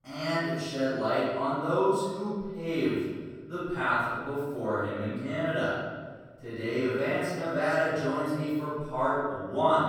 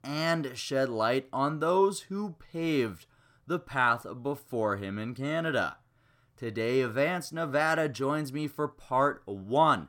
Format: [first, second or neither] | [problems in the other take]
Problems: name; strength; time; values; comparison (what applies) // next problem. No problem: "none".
second | off-mic speech; far // room echo; strong; dies away in 1.4 s